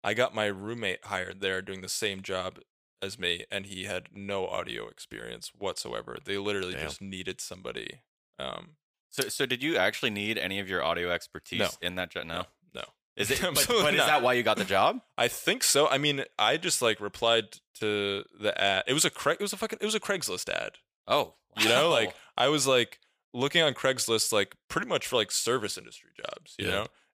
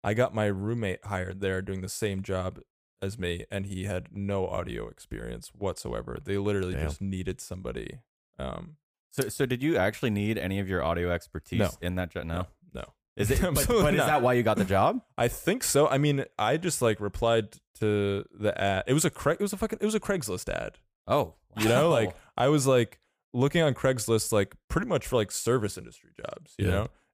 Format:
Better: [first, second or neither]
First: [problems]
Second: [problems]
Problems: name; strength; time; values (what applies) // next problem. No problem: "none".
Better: second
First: thin; somewhat; fading below 850 Hz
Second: none